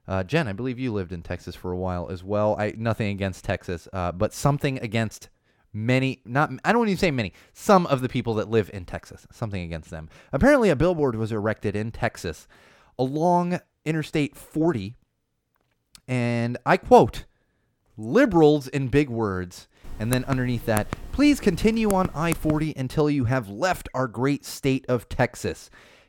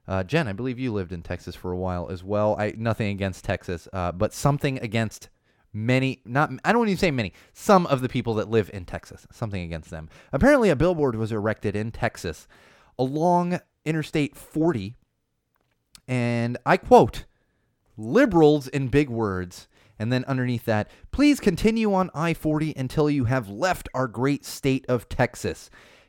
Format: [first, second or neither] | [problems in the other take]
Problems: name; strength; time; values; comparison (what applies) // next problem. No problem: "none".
second | keyboard typing; noticeable; from 20 to 23 s; peak 9 dB below the speech